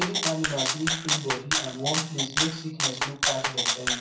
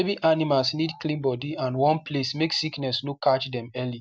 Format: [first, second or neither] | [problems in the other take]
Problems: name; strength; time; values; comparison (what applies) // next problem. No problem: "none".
second | background sound (Rattle (instrument)); 4 dB above the speech // room echo; dies away in 0.6 s